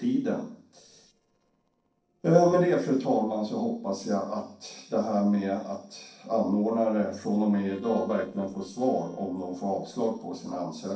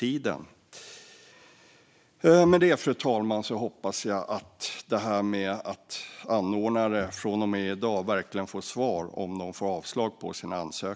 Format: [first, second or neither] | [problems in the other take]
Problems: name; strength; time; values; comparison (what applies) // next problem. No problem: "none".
second | noise reduction (neural separator model SepFormer DNS4)